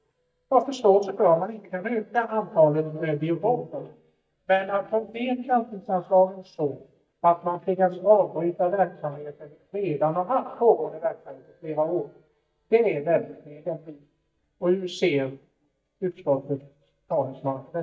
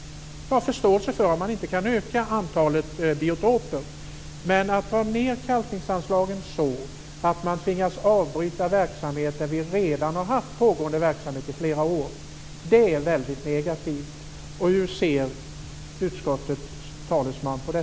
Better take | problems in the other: second | noise reduction (neural mask model DeepFilterNet 3)

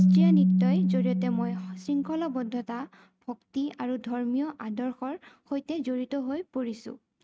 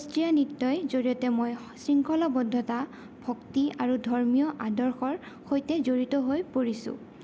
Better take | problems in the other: second | noise reduction (neural mask model RNNoise)

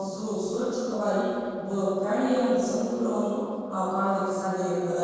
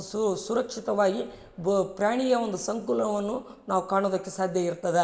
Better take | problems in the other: second | noise reduction (neural separator model SepFormer DNS4)

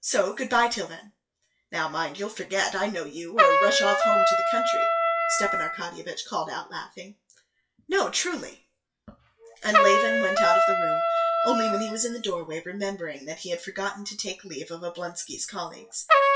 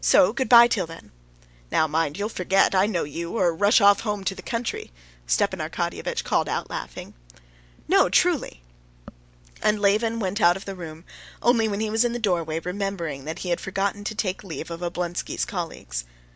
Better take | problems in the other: second | noise reduction (classical method WPE with log-MMSE)

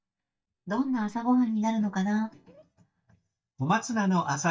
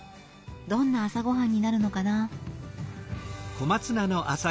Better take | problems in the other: second | noise reduction (neural mask model DeepFilterNet 3)

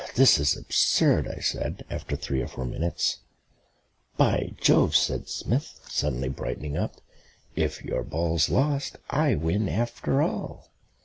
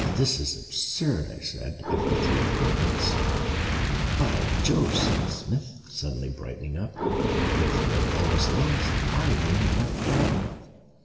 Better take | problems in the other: first | background sound (Fire); 3 dB above the speech // room echo; dies away in 1.6 s

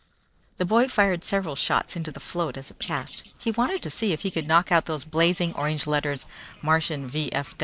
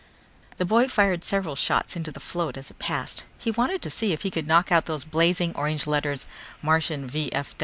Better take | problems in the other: second | noise reduction (neural separator model SepFormer DNS4)

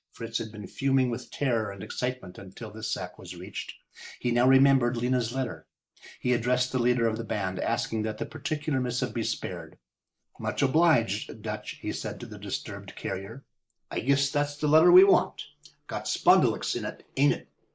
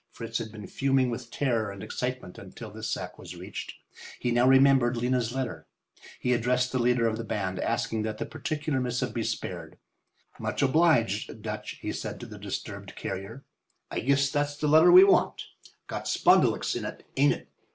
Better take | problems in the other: second | noise reduction (neural mask model Resemble Enhance denoiser)

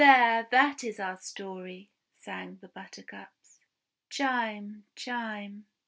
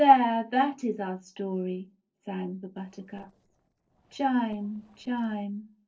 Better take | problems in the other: first | noise reduction (neural separator model SepFormer DNS4)

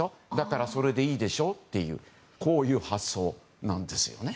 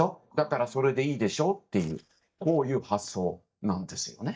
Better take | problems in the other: first | noise reduction (neural mask model DeepFilterNet 3)

